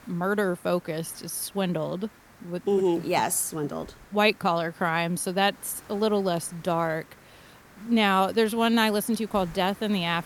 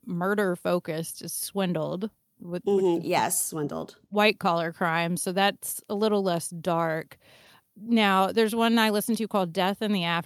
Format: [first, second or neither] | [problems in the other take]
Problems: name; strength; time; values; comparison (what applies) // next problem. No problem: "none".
second | hiss; faint; throughout; 25 dB below the speech